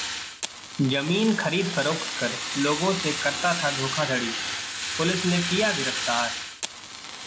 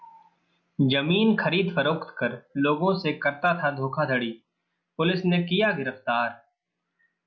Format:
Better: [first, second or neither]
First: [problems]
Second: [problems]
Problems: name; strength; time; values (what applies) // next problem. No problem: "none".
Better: second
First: background sound (Fire); 4 dB below the speech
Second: none